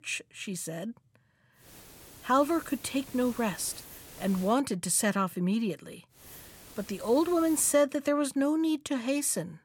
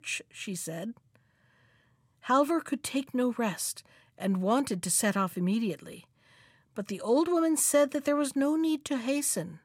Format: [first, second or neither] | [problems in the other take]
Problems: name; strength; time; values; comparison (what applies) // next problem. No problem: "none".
second | hiss; noticeable; from 1.5 to 4.5 s and from 6 to 7.5 s; 20 dB below the speech